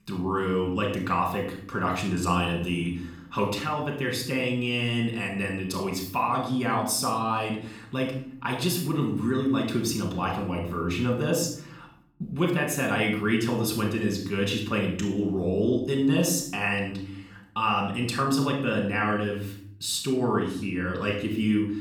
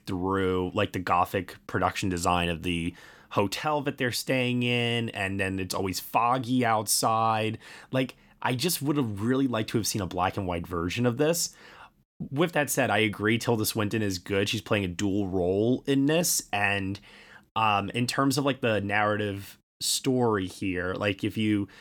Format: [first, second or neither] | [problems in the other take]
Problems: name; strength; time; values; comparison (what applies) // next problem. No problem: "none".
second | room echo; noticeable; dies away in 0.6 s // off-mic speech; somewhat distant